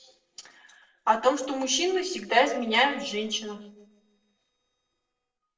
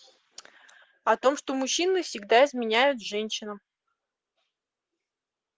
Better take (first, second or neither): second